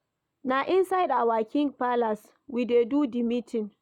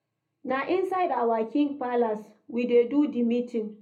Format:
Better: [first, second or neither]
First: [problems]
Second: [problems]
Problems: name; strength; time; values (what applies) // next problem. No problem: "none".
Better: first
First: none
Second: room echo; dies away in 0.3 s